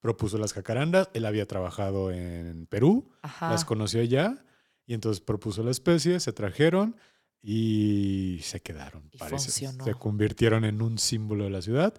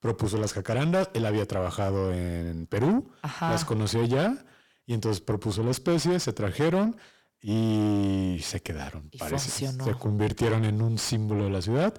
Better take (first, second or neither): first